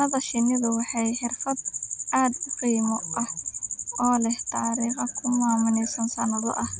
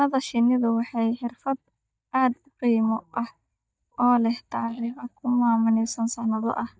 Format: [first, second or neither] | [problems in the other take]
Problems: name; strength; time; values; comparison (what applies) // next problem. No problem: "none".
first | noise reduction (neural mask model DeepFilterNet 3)